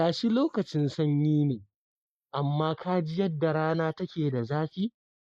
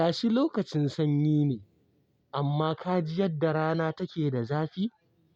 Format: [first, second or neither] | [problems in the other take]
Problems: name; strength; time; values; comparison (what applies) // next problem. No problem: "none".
second | noise reduction (neural mask model Resemble Enhance denoiser)